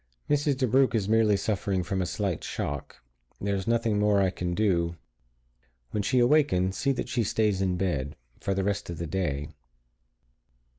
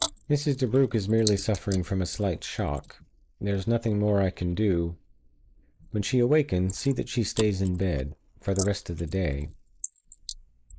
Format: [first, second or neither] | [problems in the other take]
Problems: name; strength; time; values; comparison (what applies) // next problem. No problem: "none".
first | noise reduction (neural mask model Resemble Enhance denoiser)